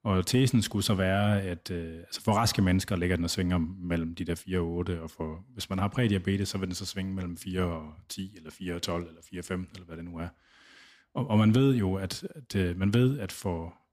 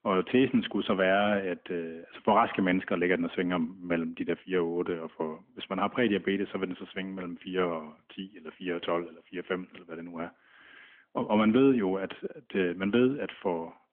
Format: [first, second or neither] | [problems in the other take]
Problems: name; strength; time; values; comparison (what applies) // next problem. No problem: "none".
first | phone-call audio; nothing above 3.5 kHz